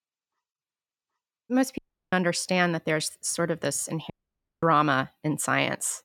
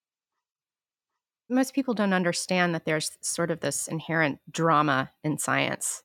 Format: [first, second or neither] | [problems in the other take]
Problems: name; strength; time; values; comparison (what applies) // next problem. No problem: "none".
second | audio cutting out; at 2 s and at 4 s for 0.5 s